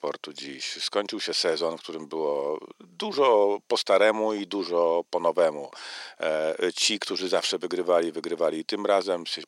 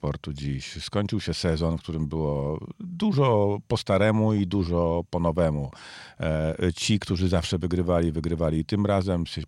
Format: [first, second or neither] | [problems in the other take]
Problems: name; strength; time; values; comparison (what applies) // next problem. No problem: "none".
second | thin; very; fading below 350 Hz